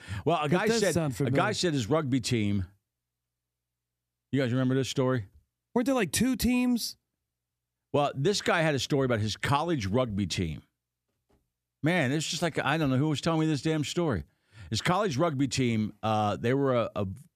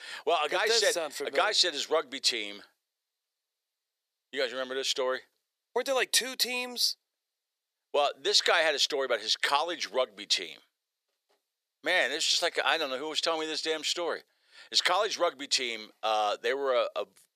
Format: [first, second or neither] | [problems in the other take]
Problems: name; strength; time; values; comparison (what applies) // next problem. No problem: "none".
first | thin; very; fading below 450 Hz